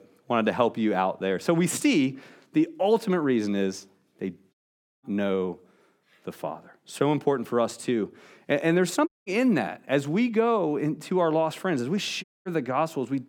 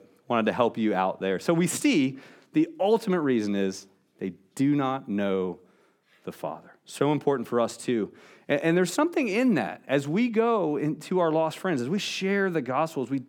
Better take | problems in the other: second | audio cutting out; at 4.5 s, at 9 s and at 12 s

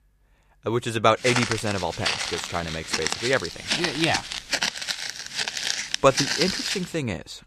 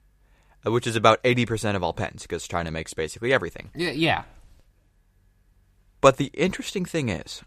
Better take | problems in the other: second | footsteps; loud; from 1 to 7 s; peak 3 dB above the speech

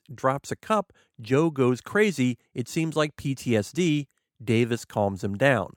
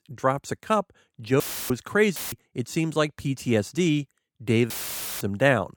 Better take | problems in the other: first | audio cutting out; filled with static; at 1.5 s, at 2 s and at 4.5 s for 0.5 s

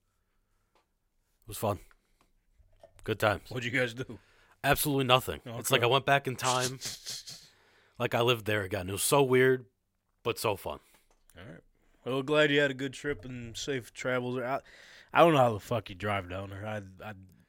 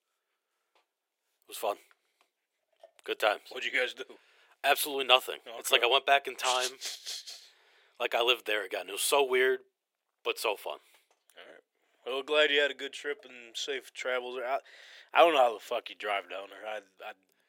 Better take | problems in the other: first | thin; very; fading below 400 Hz

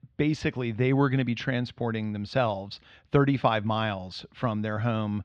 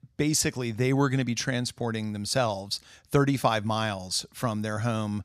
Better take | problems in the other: second | muffled; slightly; fading above 3 kHz

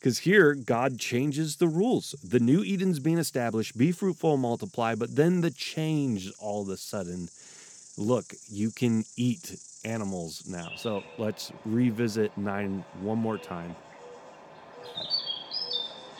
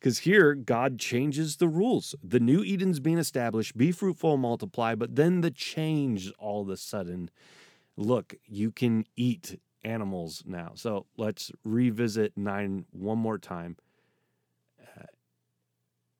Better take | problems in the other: second | animal sounds; noticeable; throughout; 10 dB below the speech

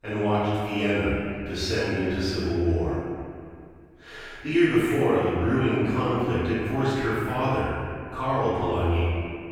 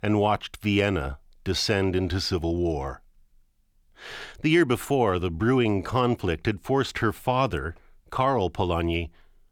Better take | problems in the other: second | off-mic speech; far // room echo; strong; dies away in 2.3 s

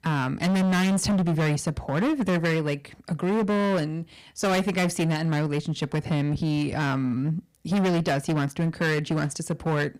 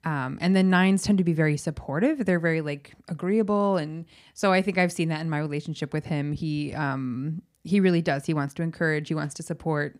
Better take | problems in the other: second | distortion; heavy; 21% of the sound clipped

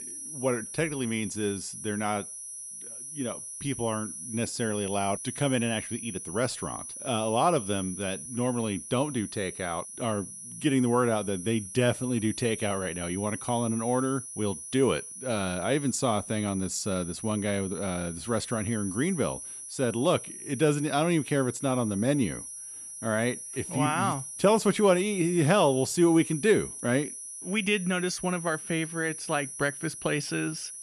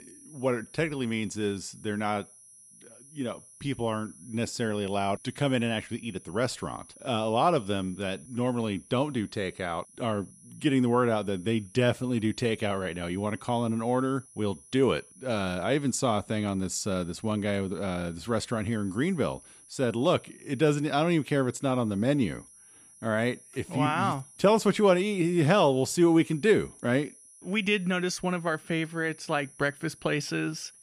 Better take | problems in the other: second | high-pitched whine; loud; throughout; 10.5 kHz, 9 dB below the speech; faint in the second

